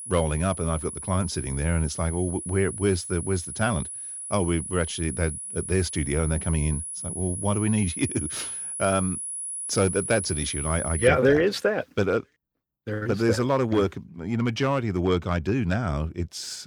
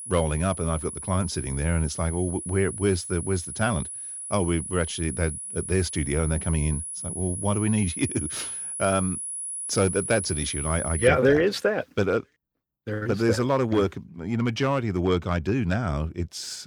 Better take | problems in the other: neither | high-pitched whine; loud; until 11 s; 10.5 kHz, 6 dB below the speech; the same in both

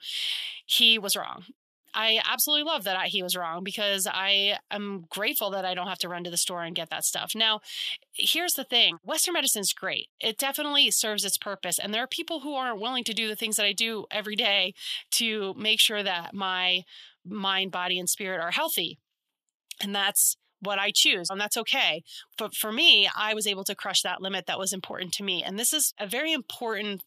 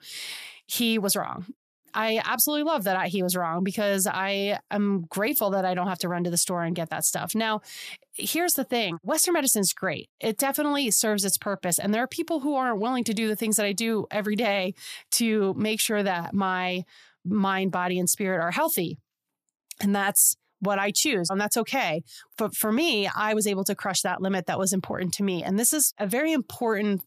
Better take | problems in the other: second | thin; very slightly; fading below 850 Hz

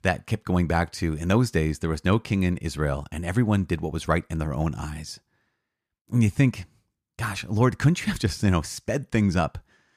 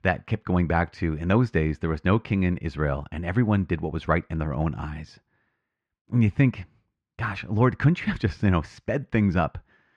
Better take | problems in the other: first | muffled; slightly; fading above 2.5 kHz

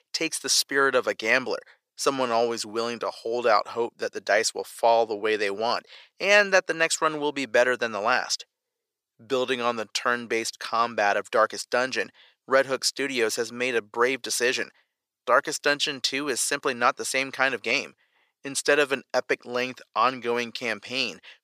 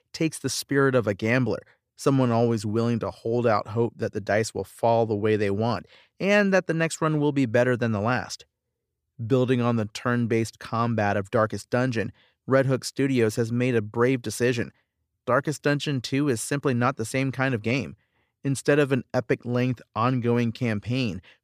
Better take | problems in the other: second | thin; very; fading below 550 Hz

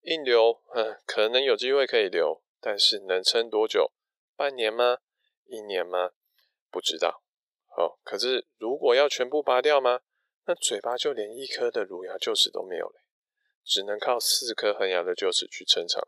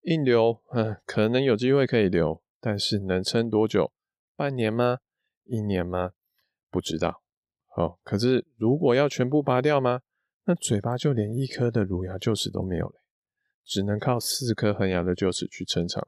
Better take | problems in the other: second | thin; very; fading below 450 Hz

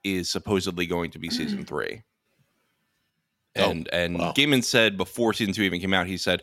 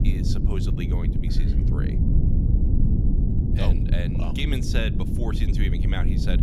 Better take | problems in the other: first | low rumble; loud; throughout; 1 dB below the speech

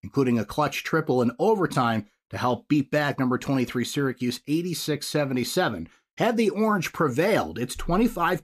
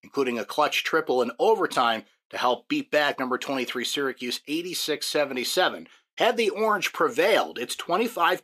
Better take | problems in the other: first | thin; somewhat; fading below 450 Hz

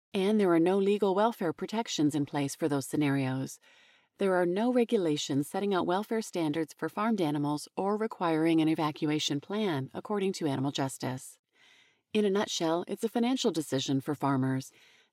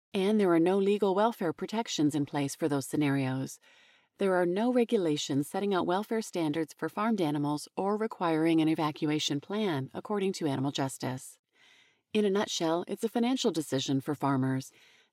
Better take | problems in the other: neither | none

